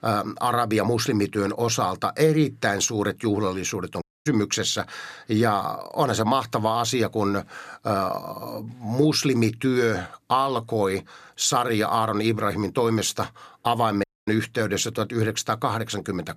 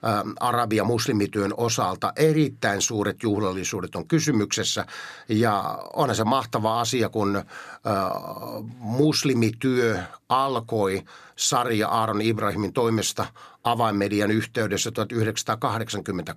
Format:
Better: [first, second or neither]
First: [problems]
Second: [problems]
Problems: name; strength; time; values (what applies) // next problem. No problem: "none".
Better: second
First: audio cutting out; at 4 s and at 14 s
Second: none